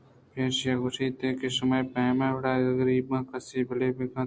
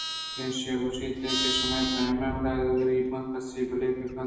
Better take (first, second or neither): first